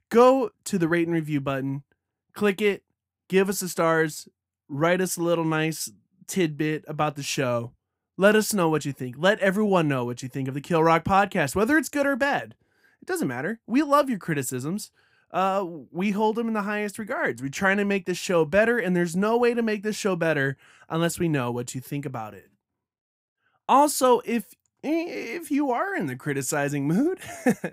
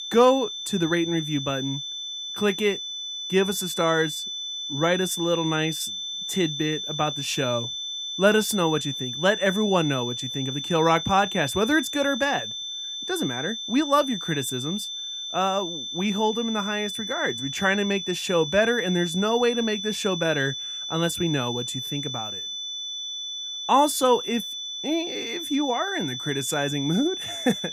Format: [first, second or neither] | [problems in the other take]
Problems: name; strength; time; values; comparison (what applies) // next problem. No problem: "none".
first | high-pitched whine; loud; throughout; 3.5 kHz, 5 dB below the speech